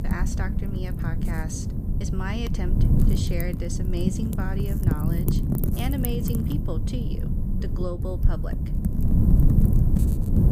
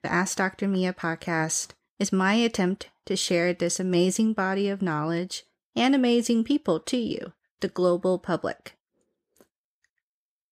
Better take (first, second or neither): second